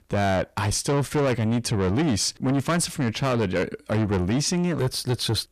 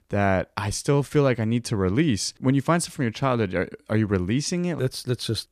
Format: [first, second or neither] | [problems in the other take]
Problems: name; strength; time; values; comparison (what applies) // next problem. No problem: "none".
second | distortion; heavy; 7 dB below the speech